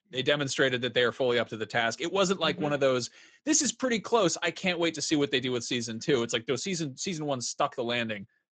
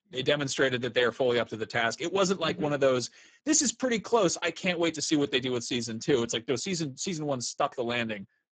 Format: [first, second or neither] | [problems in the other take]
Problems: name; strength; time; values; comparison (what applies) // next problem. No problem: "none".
first | garbled, watery; badly; nothing above 7.5 kHz; slightly in the first